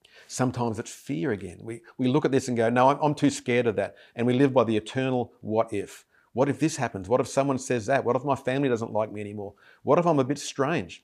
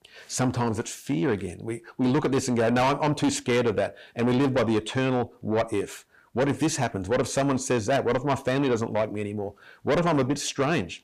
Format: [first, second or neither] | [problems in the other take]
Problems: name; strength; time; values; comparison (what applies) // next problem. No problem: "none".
first | distortion; heavy; 7 dB below the speech